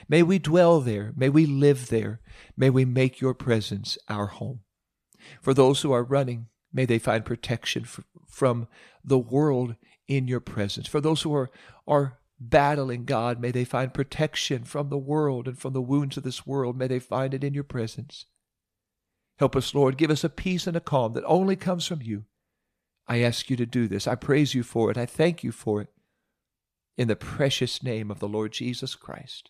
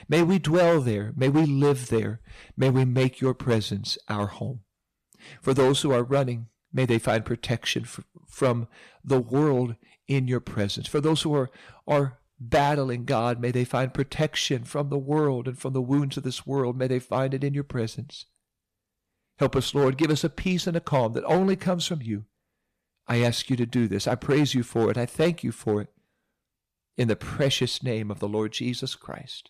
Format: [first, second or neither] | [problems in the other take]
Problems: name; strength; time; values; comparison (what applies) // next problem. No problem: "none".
first | distortion; slight; 4% of the sound clipped